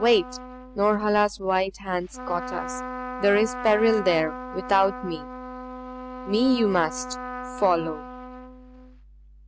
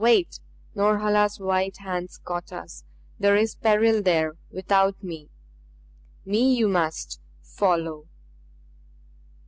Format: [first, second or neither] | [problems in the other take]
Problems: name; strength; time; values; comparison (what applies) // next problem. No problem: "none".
second | background sound (Trumpet); 11 dB below the speech